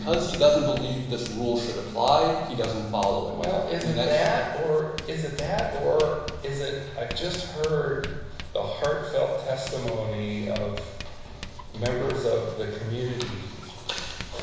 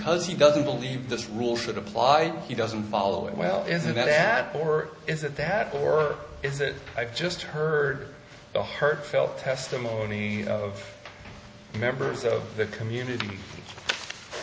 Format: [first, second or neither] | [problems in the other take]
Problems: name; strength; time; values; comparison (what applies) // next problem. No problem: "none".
second | background sound (Writing); 12 dB below the speech // room echo; dies away in 1 s